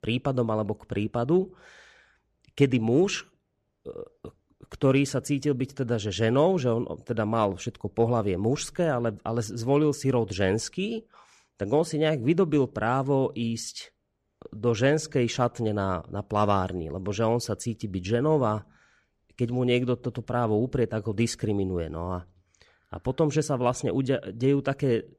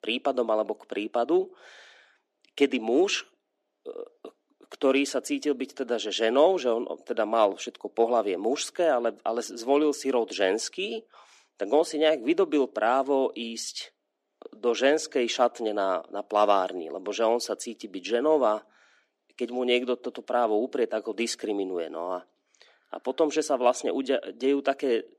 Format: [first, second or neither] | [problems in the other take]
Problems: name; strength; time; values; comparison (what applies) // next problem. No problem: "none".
first | thin; somewhat; fading below 250 Hz